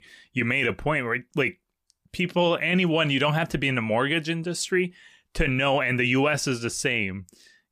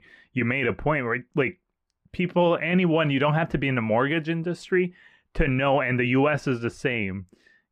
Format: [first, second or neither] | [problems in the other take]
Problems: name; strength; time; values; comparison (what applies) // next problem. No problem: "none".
first | muffled; very; fading above 3.5 kHz